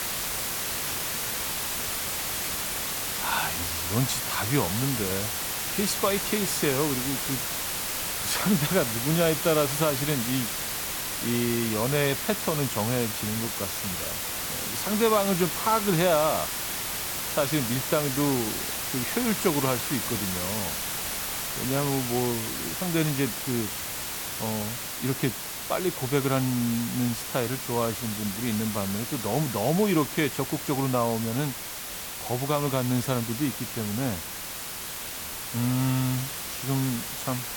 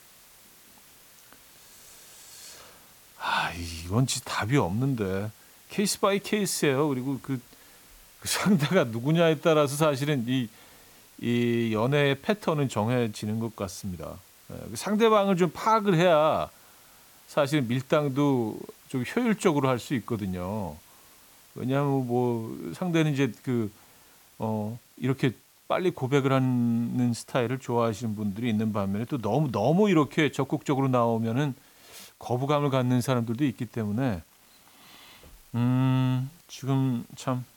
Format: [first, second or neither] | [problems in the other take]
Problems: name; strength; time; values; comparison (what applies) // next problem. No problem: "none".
second | hiss; loud; throughout; 1 dB below the speech; faint in the second